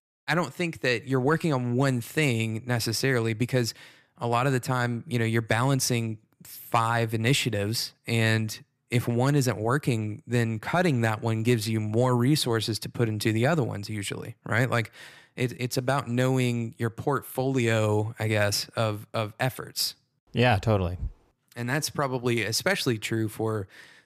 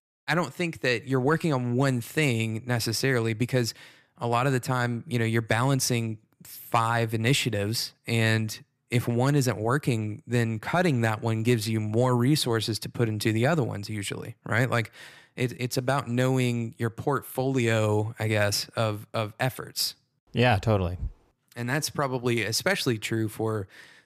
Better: neither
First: none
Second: none

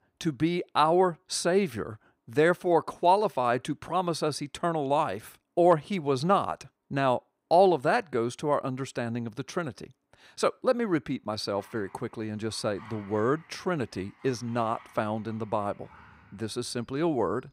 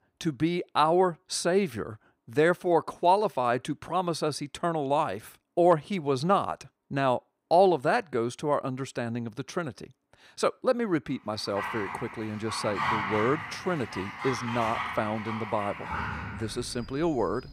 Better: first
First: animal sounds; faint; from 11 s on; 25 dB below the speech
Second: animal sounds; loud; from 11 s on; 6 dB below the speech

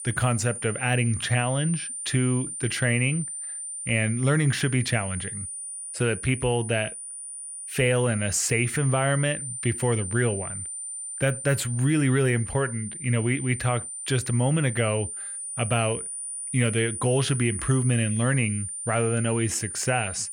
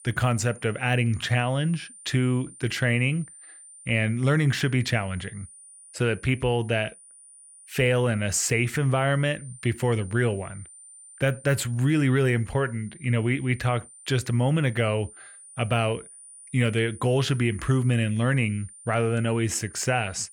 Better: second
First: high-pitched whine; loud; throughout; 9.5 kHz, 7 dB below the speech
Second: high-pitched whine; faint; throughout; 9.5 kHz, 20 dB below the speech

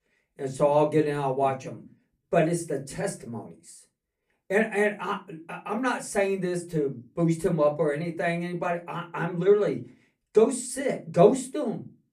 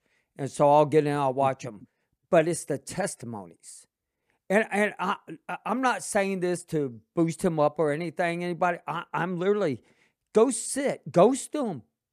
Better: second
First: off-mic speech; far // room echo; very slight; dies away in 0.2 s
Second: none

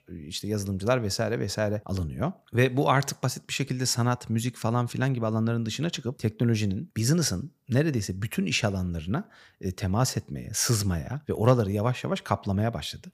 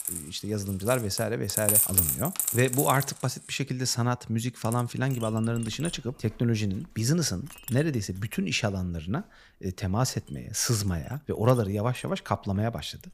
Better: first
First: none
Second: household noises; very loud; throughout; 1 dB above the speech

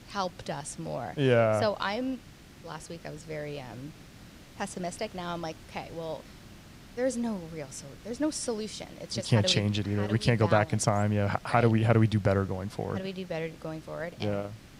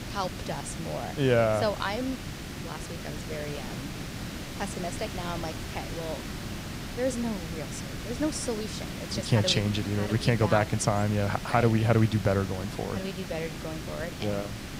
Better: first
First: hiss; faint; throughout; 20 dB below the speech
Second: hiss; loud; throughout; 8 dB below the speech

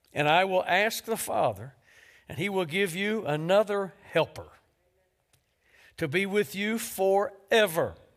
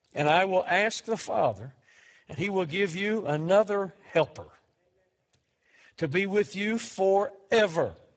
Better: first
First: none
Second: garbled, watery; badly; nothing above 7.5 kHz

